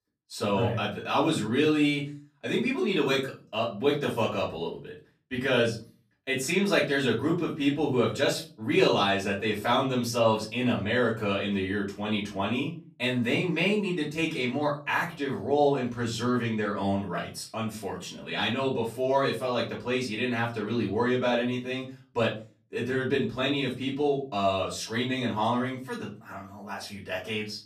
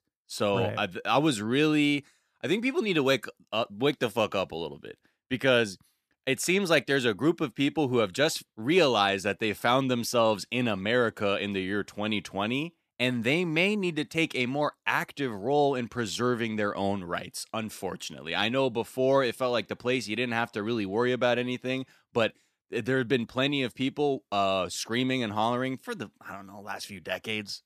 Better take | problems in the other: second | off-mic speech; far // room echo; slight; dies away in 0.3 s

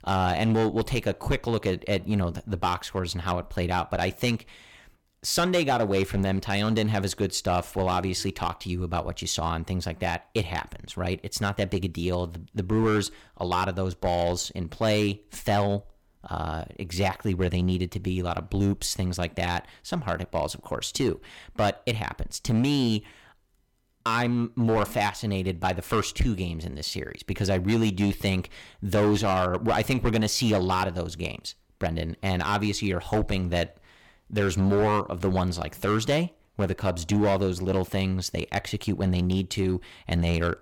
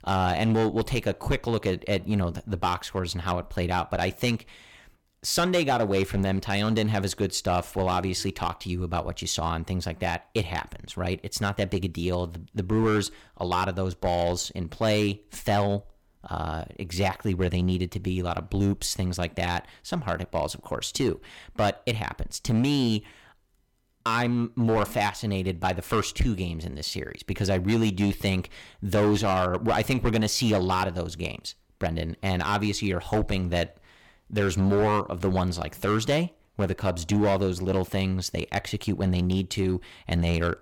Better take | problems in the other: neither | distortion; slight; 5% of the sound clipped; the same in both

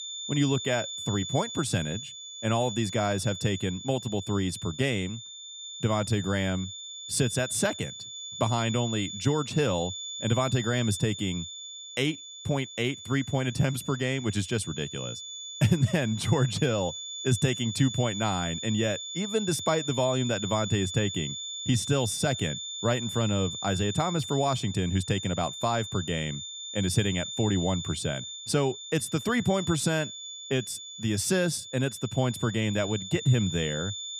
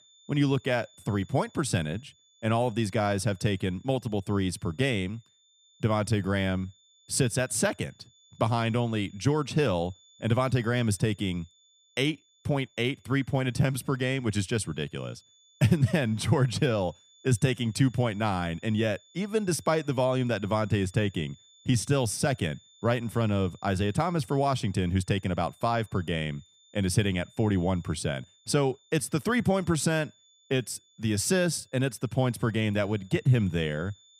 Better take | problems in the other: second | high-pitched whine; loud; throughout; 3.5 kHz, 7 dB below the speech; faint in the second

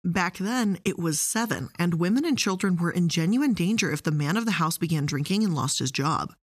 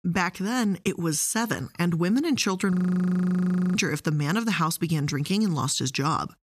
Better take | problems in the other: first | audio freezing; at 2.5 s for 1 s

